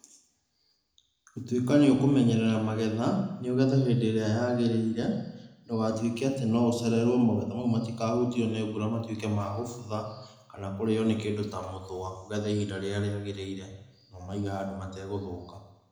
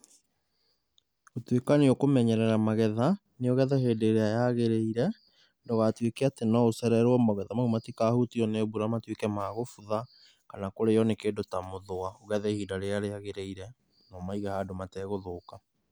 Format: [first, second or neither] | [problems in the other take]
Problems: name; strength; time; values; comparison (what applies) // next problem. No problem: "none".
second | room echo; dies away in 0.9 s